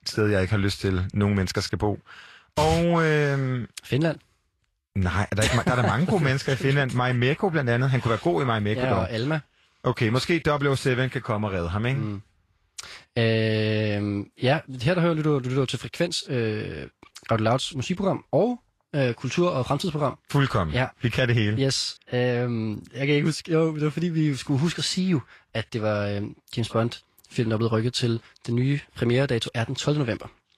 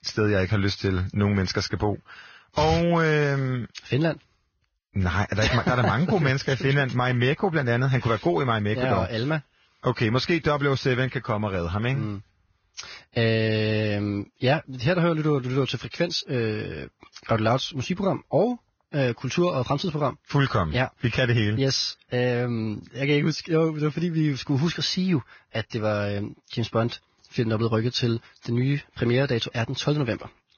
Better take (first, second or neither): first